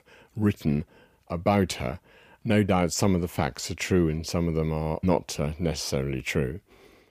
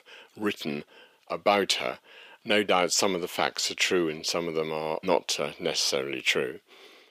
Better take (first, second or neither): first